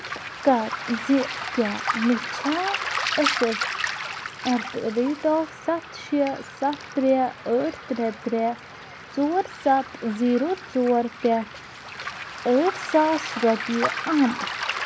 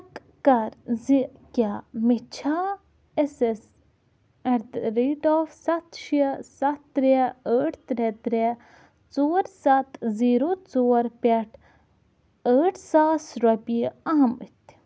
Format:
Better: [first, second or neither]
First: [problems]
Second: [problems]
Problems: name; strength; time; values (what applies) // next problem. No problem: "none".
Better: second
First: background sound (Waves, surf); 7 dB below the speech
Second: none